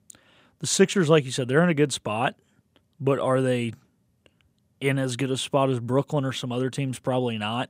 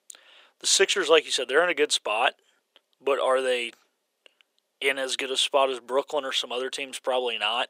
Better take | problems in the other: first | thin; very; fading below 400 Hz

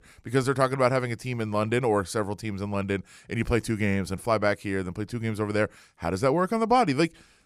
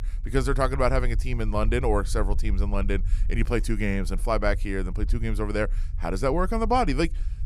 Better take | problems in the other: first | low rumble; faint; throughout; 25 dB below the speech

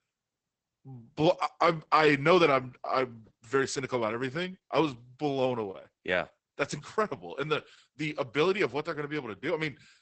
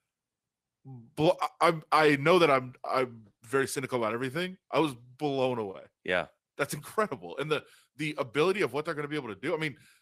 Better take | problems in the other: second | garbled, watery; badly; nothing above 8 kHz; slightly in the second

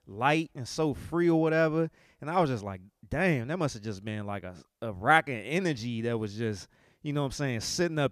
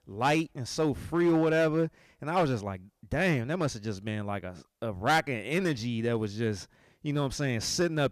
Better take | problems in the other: first | distortion; slight; 4% of the sound clipped

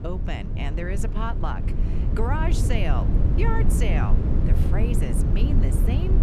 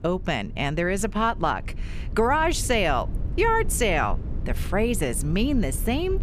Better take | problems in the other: second | low rumble; loud; throughout; 3 dB below the speech; faint in the second

